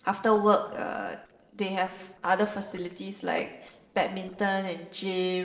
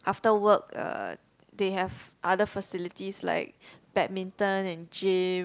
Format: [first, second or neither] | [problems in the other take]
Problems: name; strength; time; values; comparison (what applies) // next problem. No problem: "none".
second | noise reduction (neural separator model SepFormer DNS4)